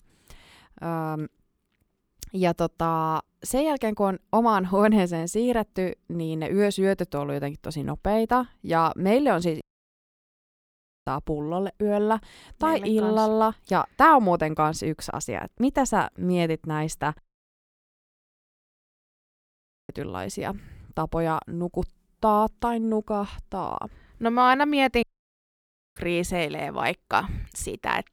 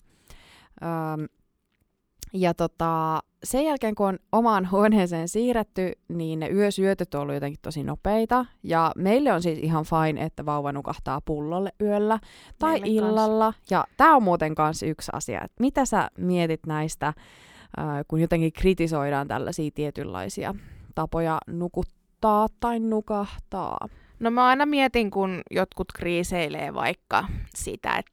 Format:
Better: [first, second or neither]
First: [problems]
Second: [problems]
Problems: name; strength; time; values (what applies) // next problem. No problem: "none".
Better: second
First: audio cutting out; at 9.5 s for 1.5 s, at 17 s for 2.5 s and at 25 s for 1 s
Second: none